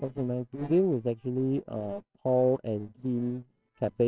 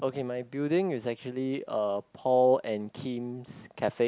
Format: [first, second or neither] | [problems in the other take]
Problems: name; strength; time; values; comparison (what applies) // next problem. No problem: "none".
second | noise reduction (neural separator model SepFormer WHAMR!)